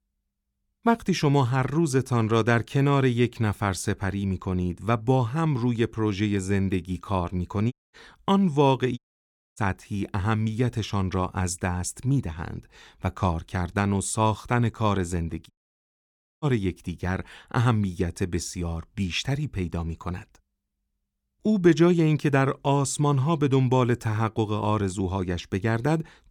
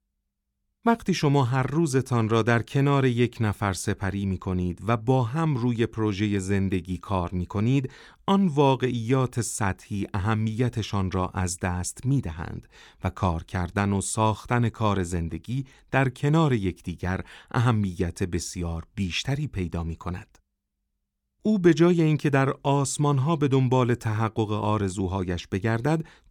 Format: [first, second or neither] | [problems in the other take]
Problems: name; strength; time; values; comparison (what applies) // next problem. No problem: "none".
second | audio cutting out; at 7.5 s, at 9 s for 0.5 s and at 16 s for 1 s